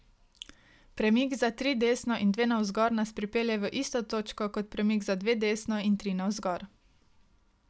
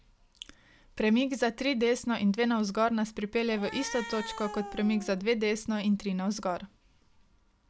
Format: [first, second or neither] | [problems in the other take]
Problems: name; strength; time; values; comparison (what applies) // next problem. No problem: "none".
first | background sound (Cat); 12 dB below the speech